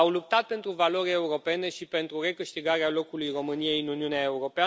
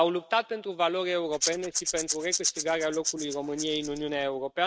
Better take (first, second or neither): first